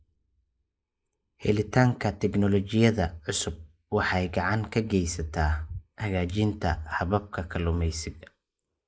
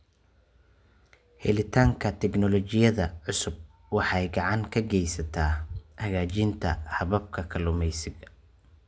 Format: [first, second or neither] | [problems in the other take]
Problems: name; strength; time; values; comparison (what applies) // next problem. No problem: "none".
second | noise reduction (neural mask model Resemble Enhance denoiser)